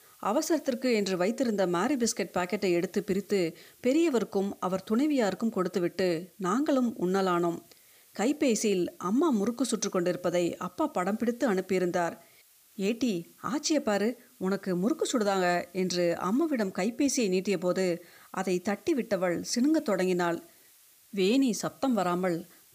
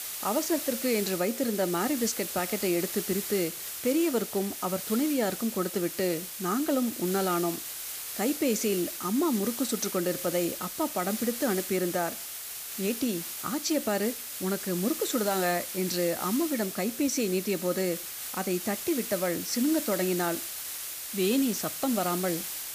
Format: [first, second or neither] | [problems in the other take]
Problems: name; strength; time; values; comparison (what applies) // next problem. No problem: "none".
first | hiss; loud; throughout; 5 dB below the speech; faint in the first